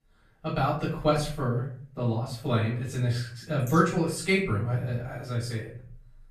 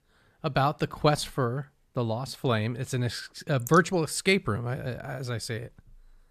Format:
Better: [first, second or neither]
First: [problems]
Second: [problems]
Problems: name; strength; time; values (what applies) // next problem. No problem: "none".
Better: second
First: off-mic speech; far // room echo; noticeable; dies away in 0.5 s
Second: none